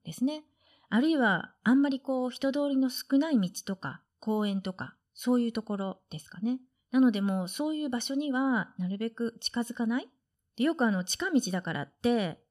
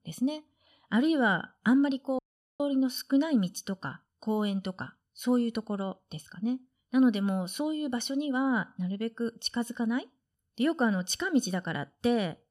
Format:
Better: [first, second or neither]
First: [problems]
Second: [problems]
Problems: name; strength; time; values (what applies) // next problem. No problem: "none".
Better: first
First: none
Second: audio cutting out; at 2 s